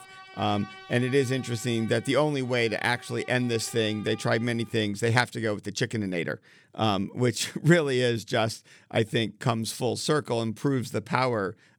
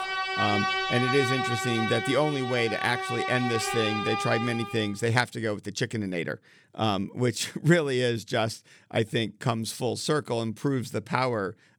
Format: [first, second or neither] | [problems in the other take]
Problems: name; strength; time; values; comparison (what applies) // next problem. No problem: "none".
first | background music; loud; until 4.5 s; 2 dB below the speech; faint in the first